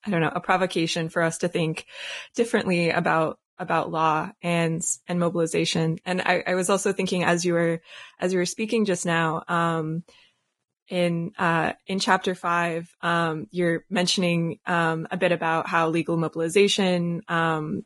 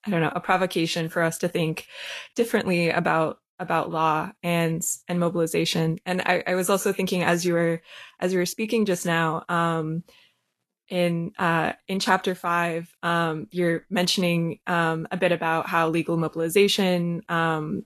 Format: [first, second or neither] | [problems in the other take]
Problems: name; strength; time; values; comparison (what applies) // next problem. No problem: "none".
second | garbled, watery; badly; nothing above 11 kHz; slightly in the second